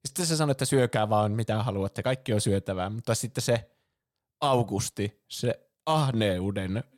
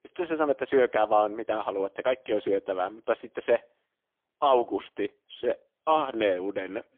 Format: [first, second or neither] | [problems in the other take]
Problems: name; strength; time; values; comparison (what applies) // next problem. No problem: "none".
first | phone-call audio; poor line; nothing above 3.5 kHz